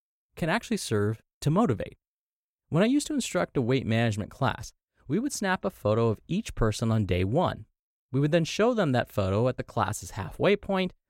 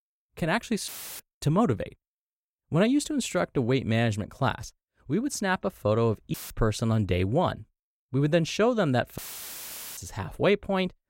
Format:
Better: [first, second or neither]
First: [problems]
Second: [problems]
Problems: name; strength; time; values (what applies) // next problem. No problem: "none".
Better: first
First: none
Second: audio cutting out; filled with static; at 1 s, at 6.5 s and at 9 s for 1 s